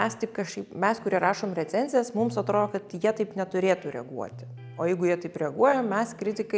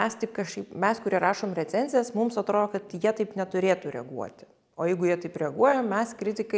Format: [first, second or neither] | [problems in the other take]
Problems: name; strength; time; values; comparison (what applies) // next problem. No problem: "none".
second | background sound (Electric guitar); 20 dB below the speech